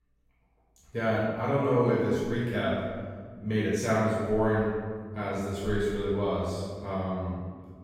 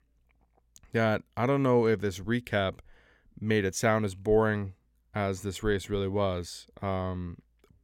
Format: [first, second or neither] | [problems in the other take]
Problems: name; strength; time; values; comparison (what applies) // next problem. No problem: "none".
second | room echo; strong; dies away in 1.5 s // off-mic speech; far